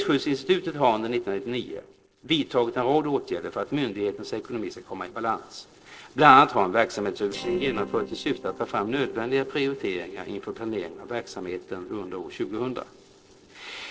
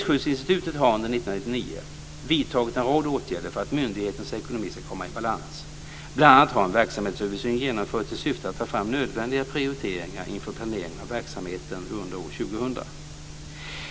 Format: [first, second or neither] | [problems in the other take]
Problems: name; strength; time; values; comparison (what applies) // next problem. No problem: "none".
second | noise reduction (neural separator model SepFormer DNS4)